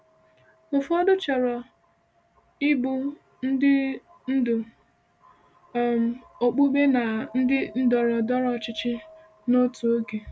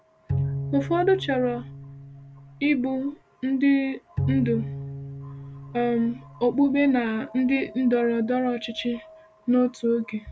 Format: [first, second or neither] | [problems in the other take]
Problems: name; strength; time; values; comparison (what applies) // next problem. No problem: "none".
first | background sound (Bowed string instrument); 7 dB below the speech